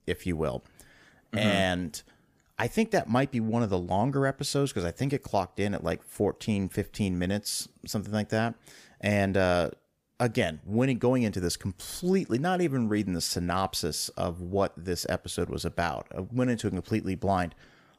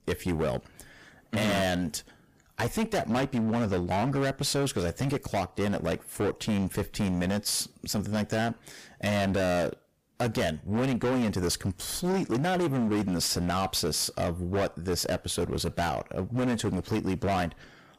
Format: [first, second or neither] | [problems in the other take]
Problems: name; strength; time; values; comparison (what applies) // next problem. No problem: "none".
first | distortion; heavy; 20% of the sound clipped